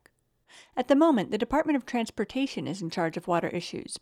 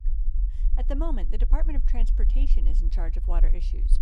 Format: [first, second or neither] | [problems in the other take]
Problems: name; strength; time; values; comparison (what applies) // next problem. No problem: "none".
first | low rumble; noticeable; throughout; 10 dB below the speech